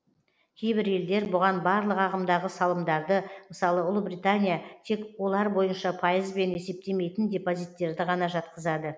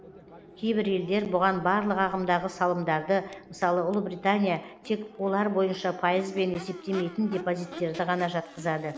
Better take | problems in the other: first | background sound (Crowd / Race car, auto racing / Accelerating, revving, vroom); 18 dB below the speech

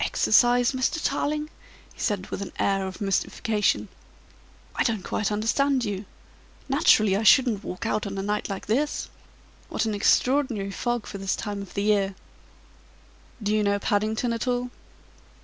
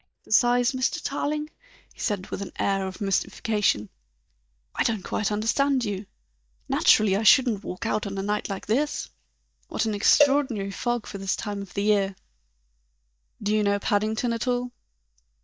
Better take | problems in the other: first | noise reduction (neural mask model DeepFilterNet 3)

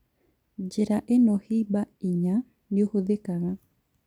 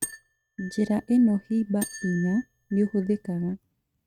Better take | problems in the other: first | noise reduction (neural mask model RNNoise)

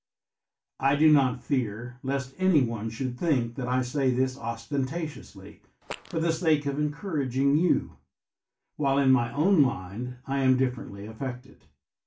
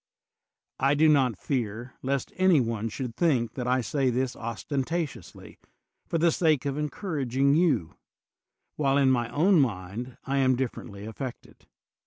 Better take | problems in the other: second | background sound (Fart); 14 dB below the speech // room echo; dies away in 0.2 s

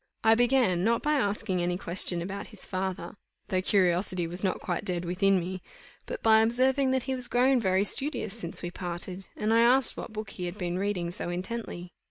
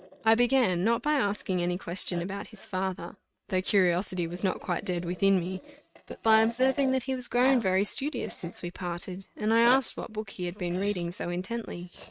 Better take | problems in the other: first | noise reduction (neural mask model RNNoise)

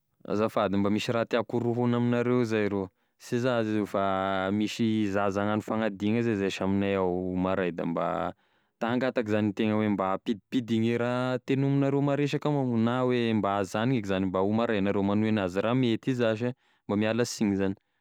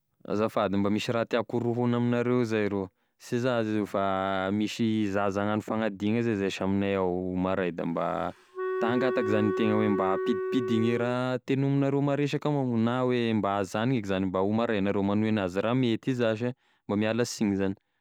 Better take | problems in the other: first | background sound (Wind instrument, woodwind instrument); 4 dB below the speech

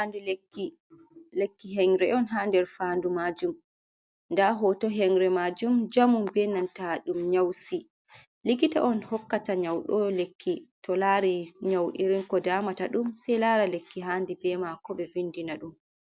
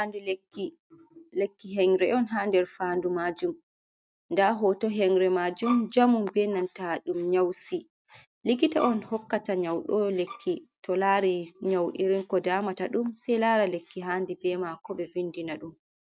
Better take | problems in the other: first | noise reduction (neural mask model RNNoise)

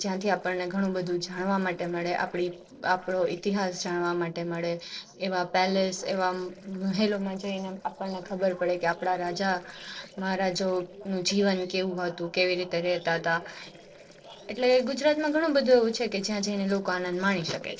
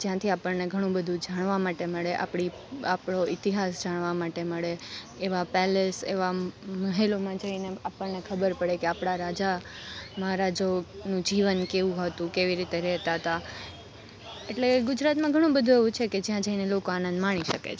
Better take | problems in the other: second | noise reduction (neural separator model SepFormer DNS4)

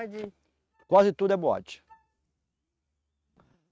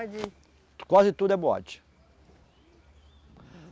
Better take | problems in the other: second | noise reduction (neural mask model RNNoise)

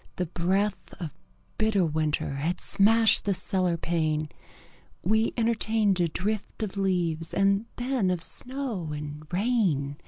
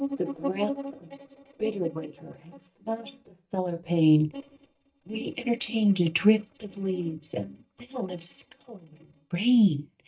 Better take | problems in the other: first | noise reduction (neural mask model DeepFilterNet 3)

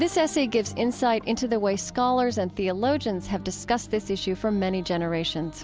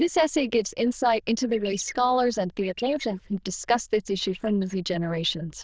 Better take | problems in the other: first | noise reduction (neural diffusion model UNIVERSE++)

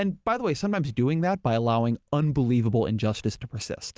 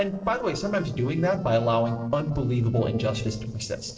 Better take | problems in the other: first | noise reduction (neural separator model SepFormer DNS4)

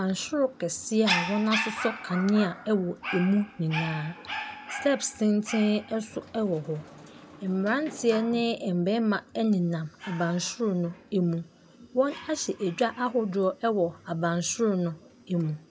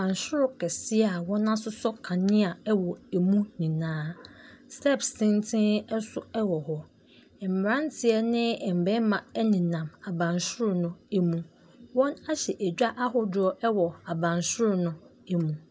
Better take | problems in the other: second | background sound (Dog); 11 dB below the speech

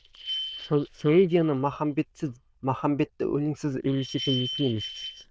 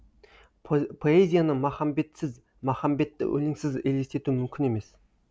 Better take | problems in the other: second | noise reduction (neural diffusion model UNIVERSE++)

